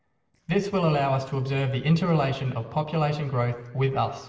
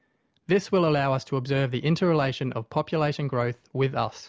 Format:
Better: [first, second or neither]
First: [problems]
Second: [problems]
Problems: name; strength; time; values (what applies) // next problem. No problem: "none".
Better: second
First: noise reduction (neural separator model SepFormer DNS4)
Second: none